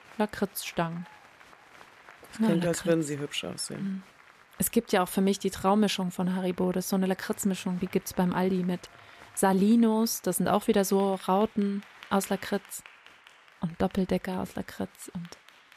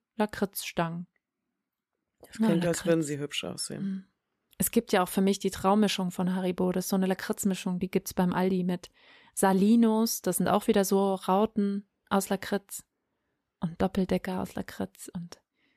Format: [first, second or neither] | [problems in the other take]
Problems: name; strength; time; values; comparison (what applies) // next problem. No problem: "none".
second | crowd noise; faint; throughout; 25 dB below the speech